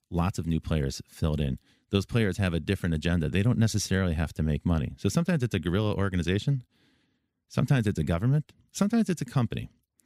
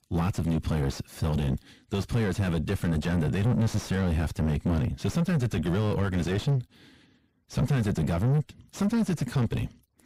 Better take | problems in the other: first | distortion; heavy; 5 dB below the speech

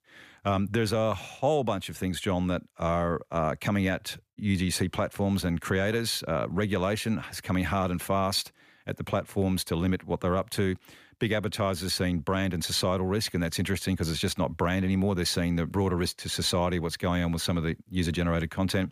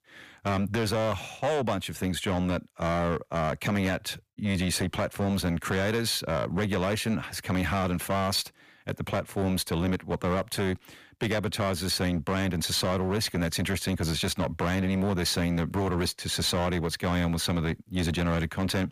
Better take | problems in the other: first | distortion; slight; 14% of the sound clipped

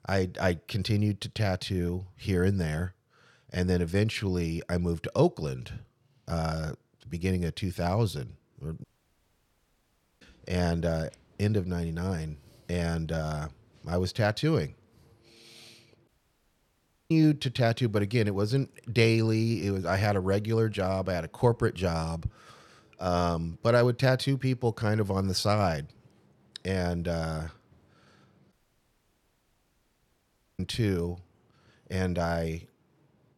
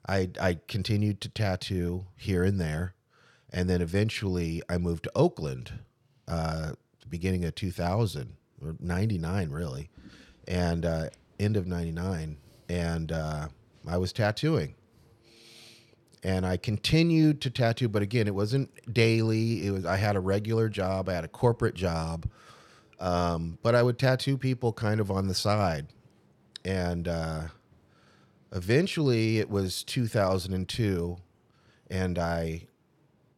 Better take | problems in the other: second | audio cutting out; at 9 s for 1.5 s, at 16 s for 1 s and at 29 s for 2 s

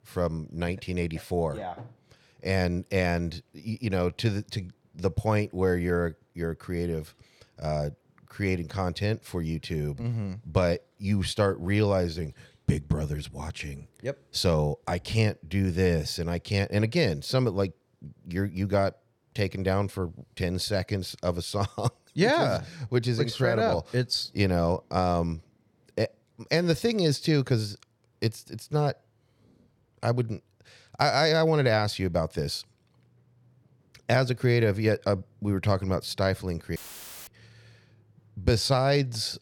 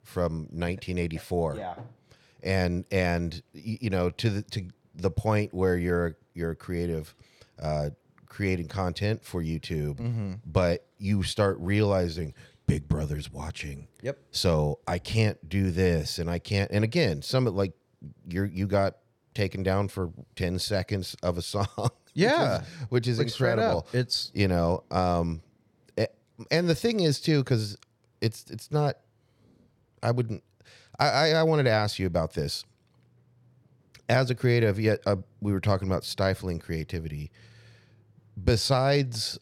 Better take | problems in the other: second | audio cutting out; filled with static; at 37 s for 0.5 s

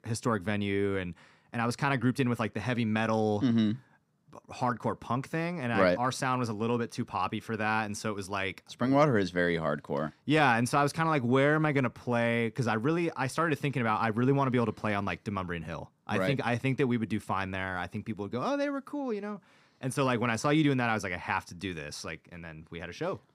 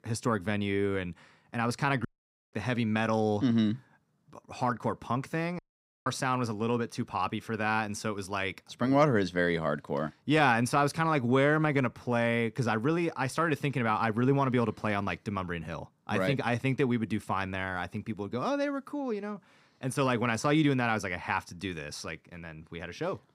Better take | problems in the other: first | audio cutting out; at 2 s and at 5.5 s

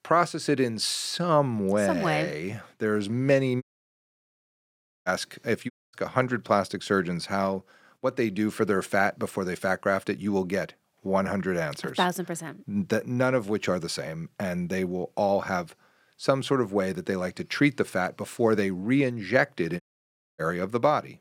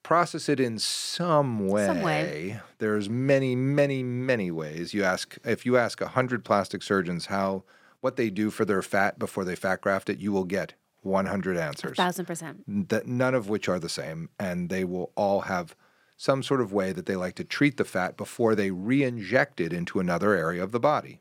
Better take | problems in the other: second | audio cutting out; at 3.5 s for 1.5 s, at 5.5 s and at 20 s for 0.5 s

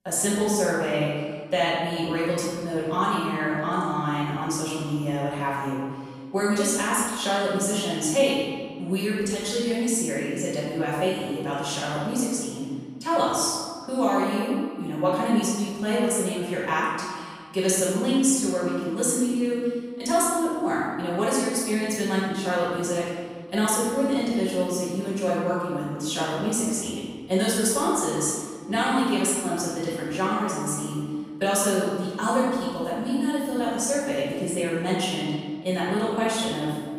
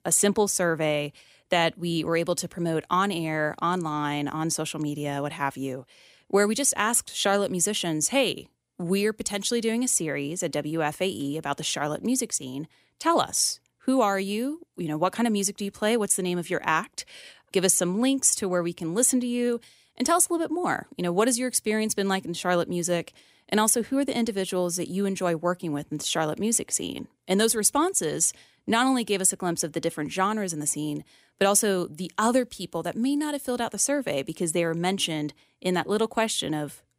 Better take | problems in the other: second | off-mic speech; far // room echo; strong; dies away in 1.6 s

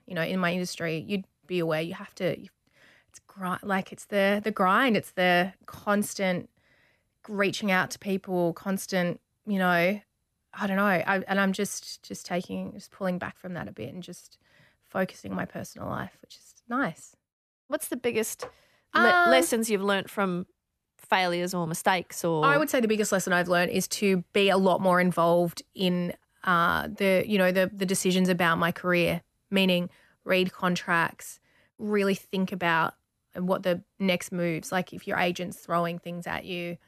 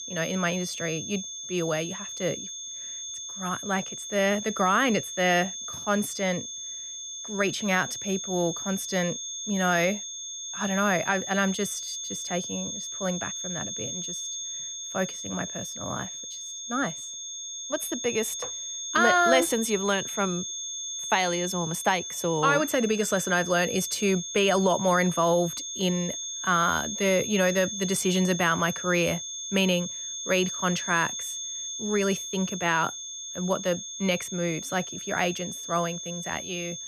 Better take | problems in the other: first | high-pitched whine; loud; throughout; 6.5 kHz, 6 dB below the speech

